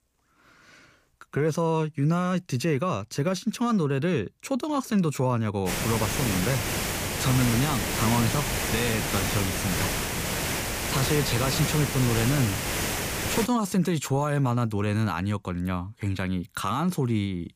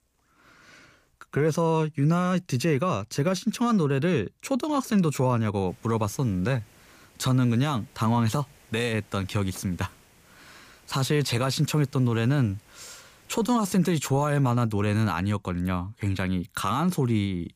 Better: second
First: hiss; loud; from 5.5 to 13 s; 1 dB below the speech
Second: hiss; faint; from 5.5 to 13 s; 30 dB below the speech

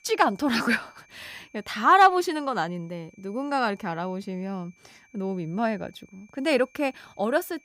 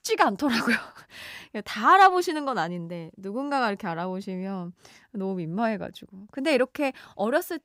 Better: second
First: high-pitched whine; faint; throughout; 2.5 kHz, 30 dB below the speech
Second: none

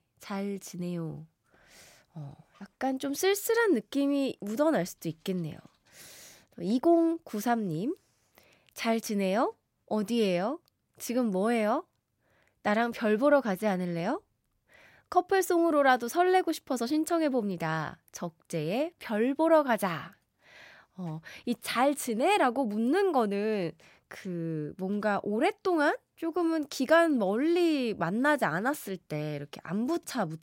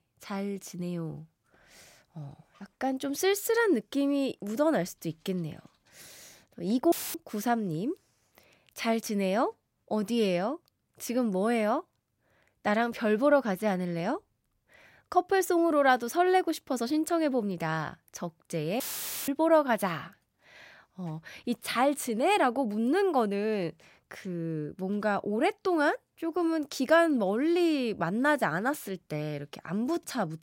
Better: first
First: none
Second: audio cutting out; filled with static; at 7 s and at 19 s

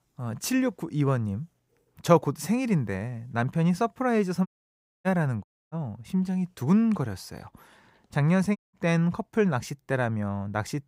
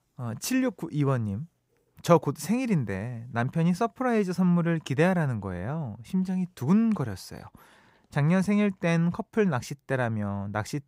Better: second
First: audio cutting out; at 4.5 s for 0.5 s, at 5.5 s and at 8.5 s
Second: none

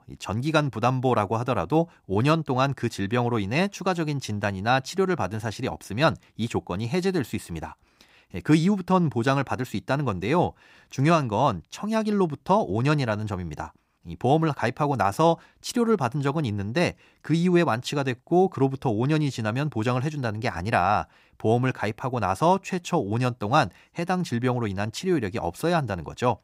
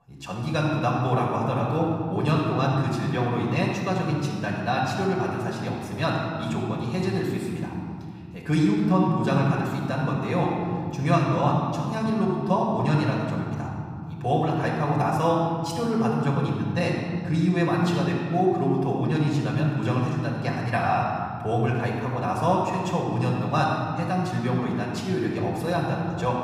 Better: first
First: none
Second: off-mic speech; far // room echo; noticeable; dies away in 2.3 s

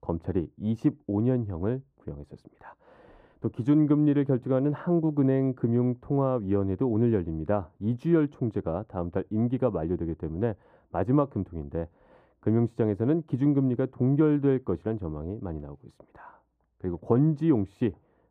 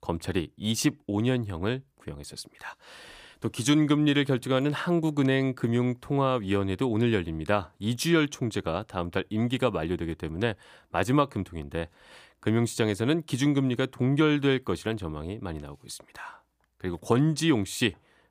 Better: second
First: muffled; very; fading above 2 kHz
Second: none

